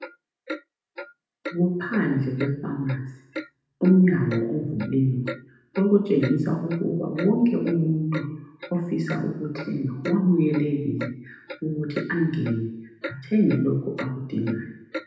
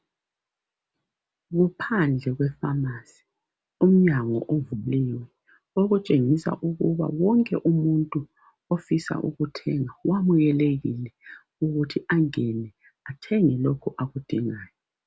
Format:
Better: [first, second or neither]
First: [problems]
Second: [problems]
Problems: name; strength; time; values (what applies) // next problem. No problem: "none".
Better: second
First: background sound (Clock); 15 dB below the speech // room echo; dies away in 0.8 s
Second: none